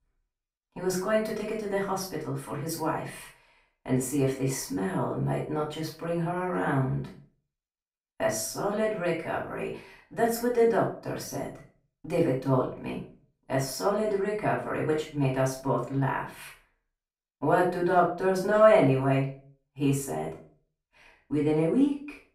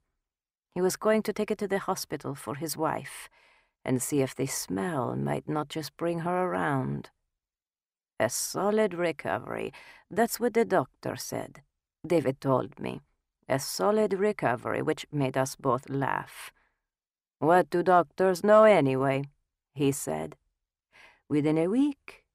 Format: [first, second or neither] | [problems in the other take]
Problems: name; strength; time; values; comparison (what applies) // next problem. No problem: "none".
second | off-mic speech; far // room echo; slight; dies away in 0.3 s